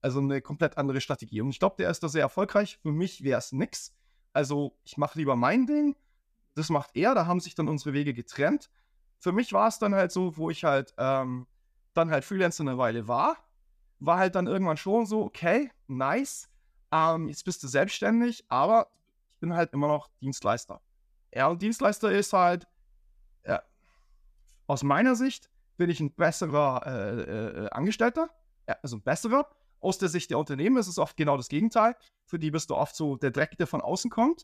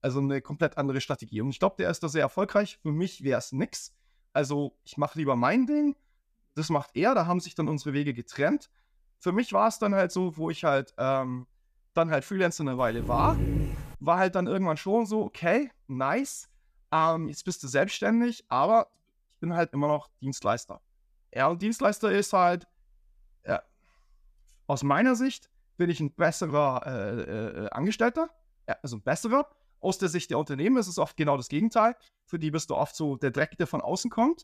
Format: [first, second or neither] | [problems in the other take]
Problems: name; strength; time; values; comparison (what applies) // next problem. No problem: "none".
first | dog barking; loud; from 13 to 14 s; peak level with the speech